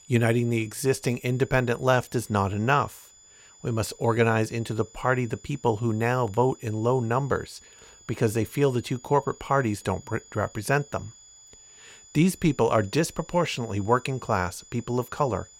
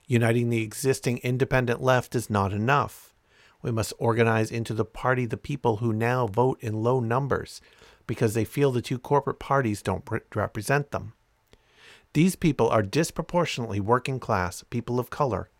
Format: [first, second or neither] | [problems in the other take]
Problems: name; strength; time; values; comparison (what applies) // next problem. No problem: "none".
second | high-pitched whine; faint; throughout; 7 kHz, 25 dB below the speech